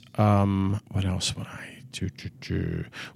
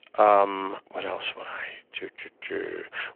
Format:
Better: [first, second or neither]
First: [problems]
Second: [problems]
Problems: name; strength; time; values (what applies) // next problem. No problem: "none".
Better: first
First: none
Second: phone-call audio